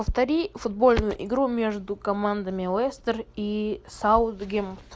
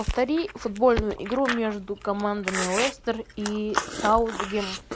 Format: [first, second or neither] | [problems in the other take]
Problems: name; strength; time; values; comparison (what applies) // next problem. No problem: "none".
first | background sound (Chewing, mastication); 8 dB below the speech